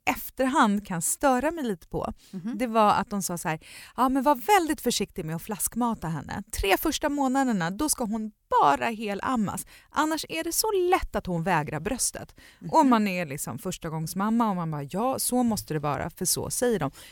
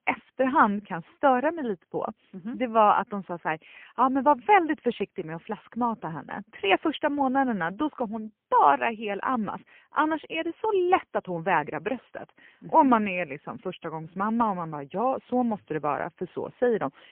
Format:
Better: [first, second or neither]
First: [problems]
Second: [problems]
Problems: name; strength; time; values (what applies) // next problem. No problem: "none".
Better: first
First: none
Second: phone-call audio; poor line; nothing above 3 kHz